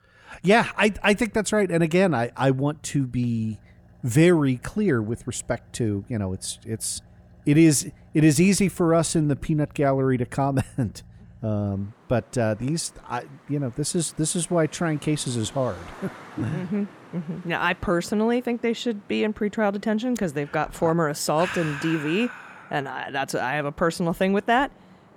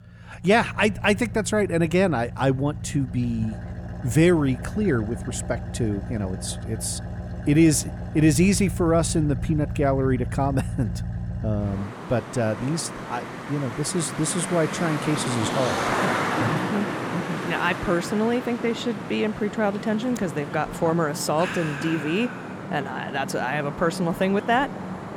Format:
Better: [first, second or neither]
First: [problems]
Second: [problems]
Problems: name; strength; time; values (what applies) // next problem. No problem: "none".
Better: first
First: traffic noise; faint; throughout; 25 dB below the speech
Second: traffic noise; loud; throughout; 7 dB below the speech